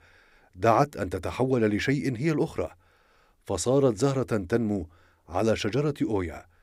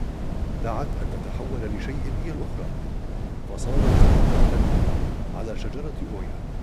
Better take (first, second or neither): first